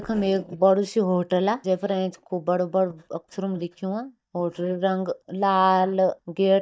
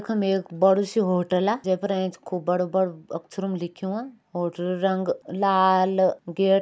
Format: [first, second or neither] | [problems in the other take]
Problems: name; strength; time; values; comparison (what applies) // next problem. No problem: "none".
second | noise reduction (neural mask model DeepFilterNet 3)